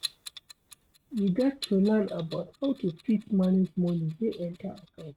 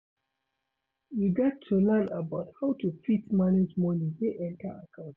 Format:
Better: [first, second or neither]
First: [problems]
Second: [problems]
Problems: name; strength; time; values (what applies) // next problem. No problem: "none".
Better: second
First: noise reduction (neural mask model RNNoise)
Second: none